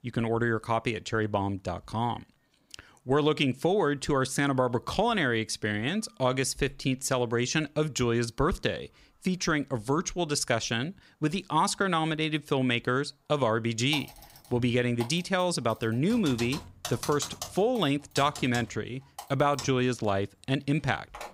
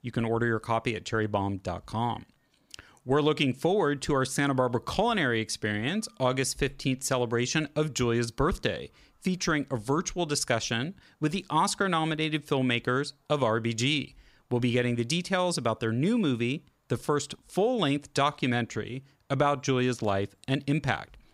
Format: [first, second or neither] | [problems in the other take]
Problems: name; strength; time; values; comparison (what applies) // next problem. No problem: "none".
second | keyboard typing; noticeable; from 14 s on; peak 8 dB below the speech